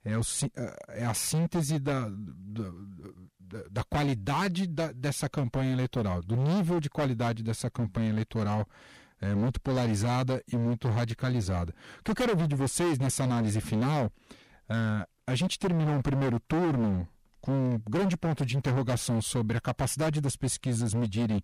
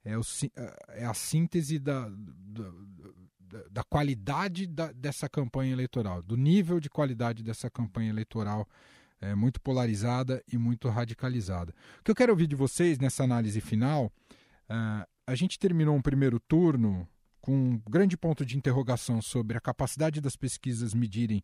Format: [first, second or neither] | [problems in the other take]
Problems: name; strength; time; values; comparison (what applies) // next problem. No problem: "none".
second | distortion; heavy; 21% of the sound clipped